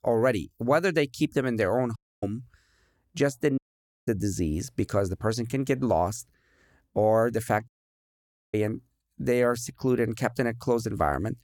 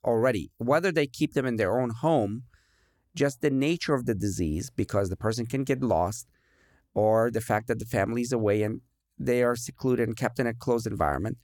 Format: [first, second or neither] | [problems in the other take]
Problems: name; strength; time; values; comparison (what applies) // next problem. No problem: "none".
second | audio cutting out; at 2 s, at 3.5 s and at 7.5 s for 1 s